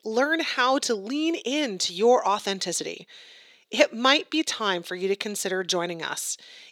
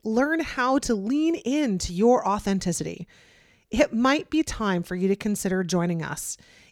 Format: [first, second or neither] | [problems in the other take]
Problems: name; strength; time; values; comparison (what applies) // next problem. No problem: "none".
second | thin; somewhat; fading below 400 Hz